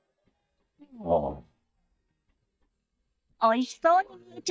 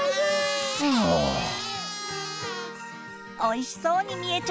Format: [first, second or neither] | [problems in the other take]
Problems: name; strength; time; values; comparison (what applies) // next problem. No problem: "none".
second | noise reduction (neural mask model DeepFilterNet 3)